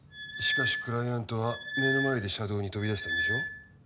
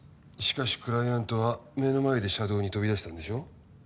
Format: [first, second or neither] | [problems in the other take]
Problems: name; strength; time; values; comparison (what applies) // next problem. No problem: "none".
second | background sound (Squeak); 1 dB below the speech